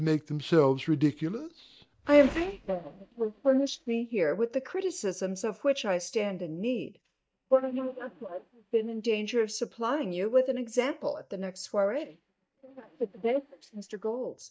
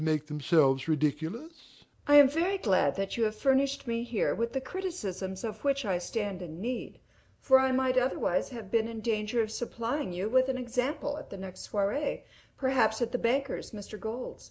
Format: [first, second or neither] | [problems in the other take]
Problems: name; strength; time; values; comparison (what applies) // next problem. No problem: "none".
second | noise reduction (neural mask model DeepFilterNet 3)